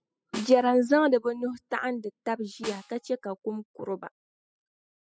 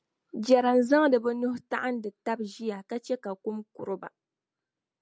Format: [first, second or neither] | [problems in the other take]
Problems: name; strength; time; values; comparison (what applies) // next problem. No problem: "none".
second | noise reduction (classical method spectral subtraction)